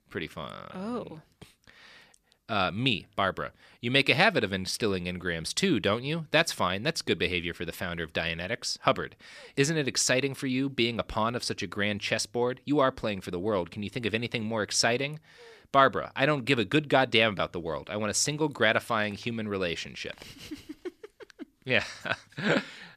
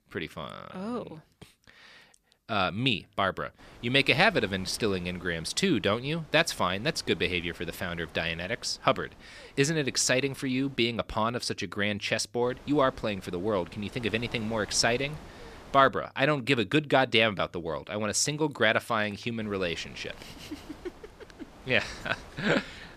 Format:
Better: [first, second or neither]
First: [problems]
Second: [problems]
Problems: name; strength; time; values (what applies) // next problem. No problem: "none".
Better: first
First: none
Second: wind noise on the microphone; occasional gusts; from 3.5 to 11 s, from 12 to 16 s and from 19 s on; 25 dB below the speech